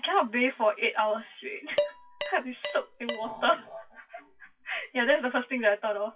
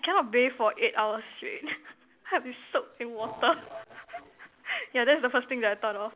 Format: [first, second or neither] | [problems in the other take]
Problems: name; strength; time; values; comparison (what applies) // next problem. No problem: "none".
second | noise reduction (classical method WPE with log-MMSE)